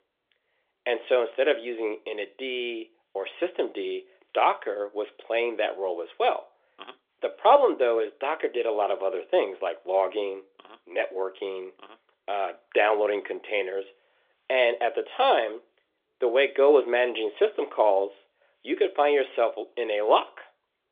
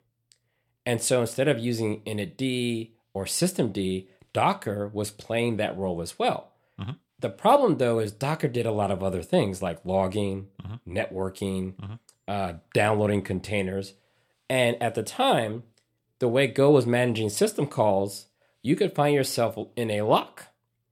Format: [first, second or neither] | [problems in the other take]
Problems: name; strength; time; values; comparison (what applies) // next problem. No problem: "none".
second | phone-call audio